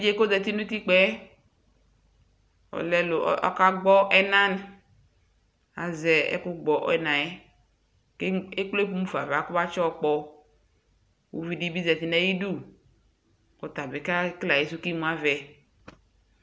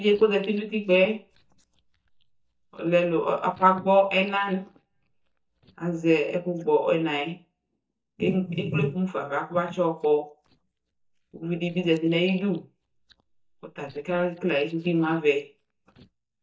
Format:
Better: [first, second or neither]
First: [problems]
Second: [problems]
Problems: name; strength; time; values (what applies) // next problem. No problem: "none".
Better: first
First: none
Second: noise reduction (neural mask model DeepFilterNet 3)